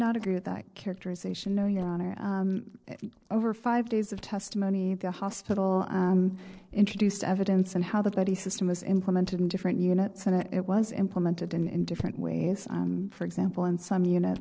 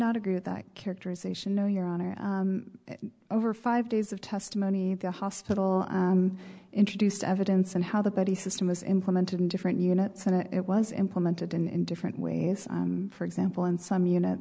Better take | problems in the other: second | noise reduction (neural separator model SepFormer DNS4)

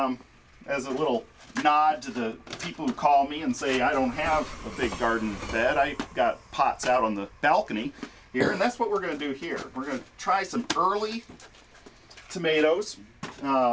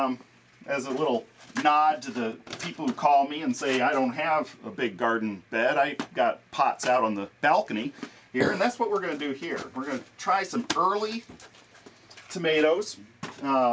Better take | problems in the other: second | background sound (Train); 19 dB below the speech

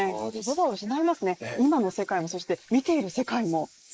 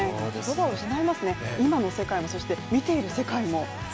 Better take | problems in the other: second | noise reduction (neural mask model Resemble Enhance denoiser)

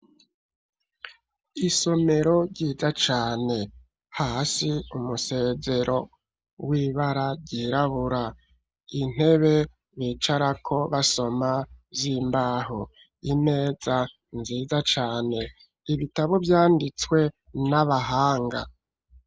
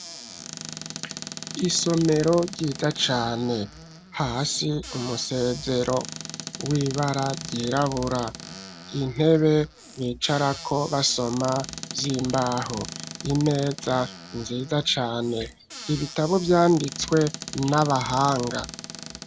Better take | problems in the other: first | background sound (Squeak / Cupboard open or close); 13 dB below the speech

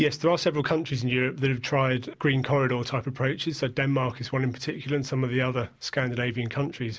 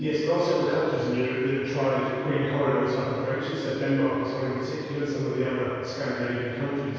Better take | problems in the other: first | room echo; dies away in 2.2 s

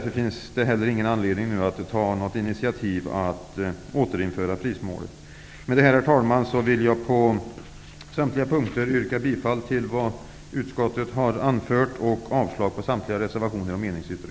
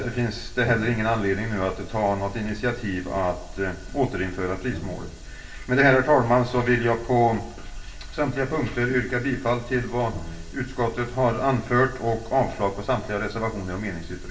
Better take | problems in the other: first | background sound (Bowed string instrument); 20 dB below the speech // room echo; dies away in 0.2 s

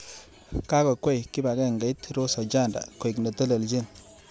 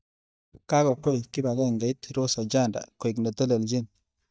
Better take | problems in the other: first | noise reduction (neural mask model DeepFilterNet 3)

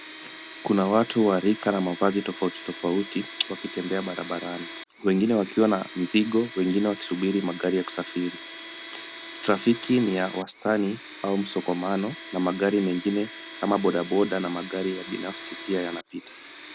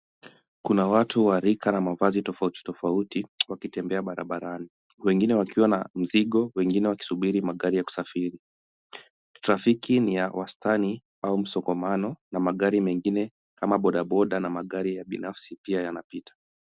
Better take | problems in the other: second | background sound (Domestic sounds, home sounds); 15 dB below the speech

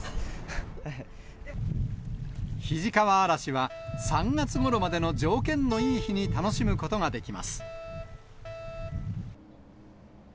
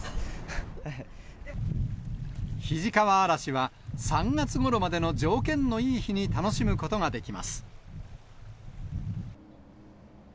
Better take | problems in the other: second | background sound (Keyboard (musical) + Alarm); 15 dB below the speech

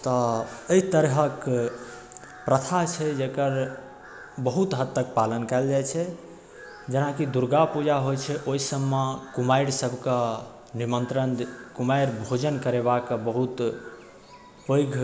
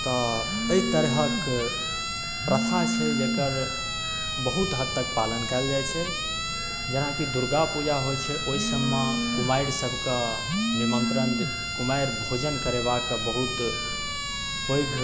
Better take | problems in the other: first | background sound (Telephone + Siren); as loud as the speech

